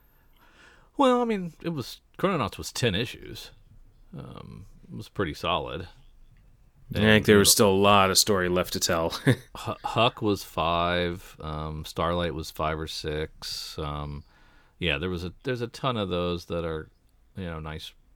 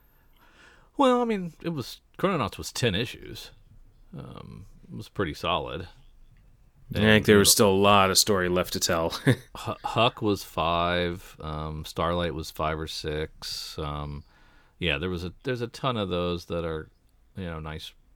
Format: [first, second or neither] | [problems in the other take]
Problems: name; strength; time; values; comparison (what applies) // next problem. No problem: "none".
neither | none